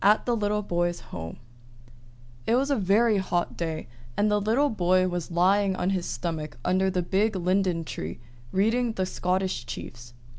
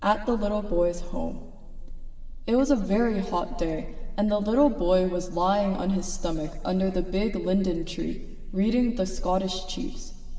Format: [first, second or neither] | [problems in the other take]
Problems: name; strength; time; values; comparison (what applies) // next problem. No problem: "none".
first | room echo; dies away in 2.4 s